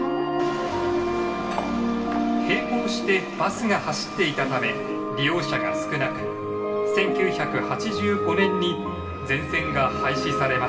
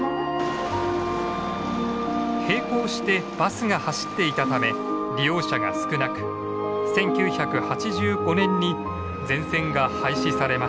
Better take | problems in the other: second | background sound (Cutlery, silverware); 14 dB below the speech // room echo; dies away in 2 s

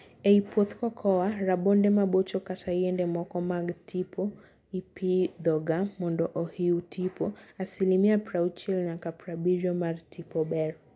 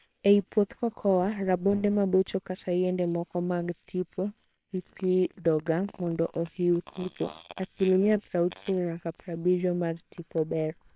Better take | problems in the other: first | noise reduction (neural separator model SepFormer WHAM!)

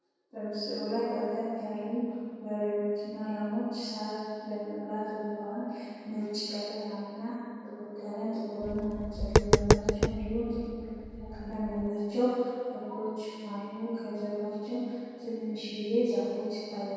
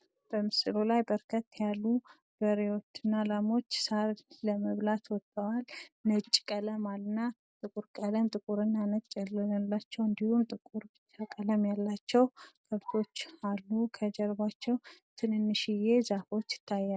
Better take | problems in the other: second | background sound (Tap); 4 dB above the speech // room echo; dies away in 2.2 s

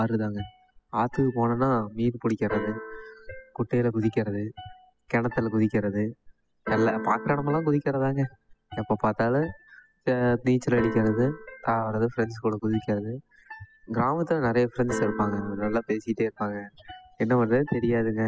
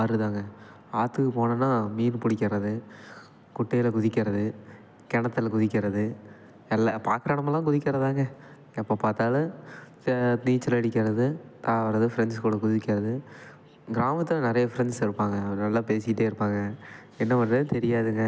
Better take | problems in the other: second | noise reduction (classical method spectral subtraction)

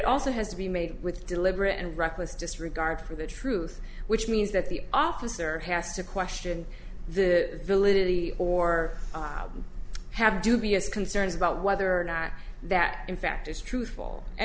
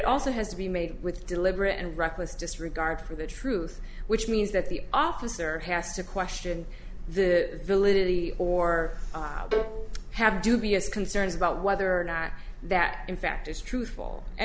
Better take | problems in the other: first | background sound (Bowed string instrument); 6 dB below the speech

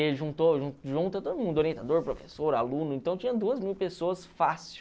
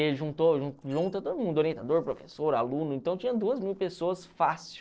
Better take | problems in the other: first | noise reduction (neural separator model SepFormer DNS4)

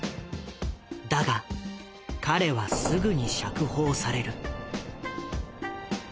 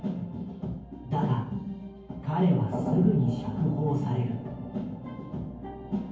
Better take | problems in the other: first | room echo; dies away in 0.9 s

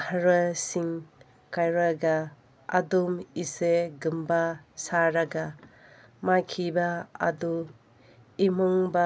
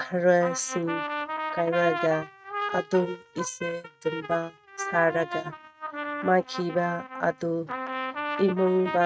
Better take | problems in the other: first | noise reduction (neural mask model RNNoise)

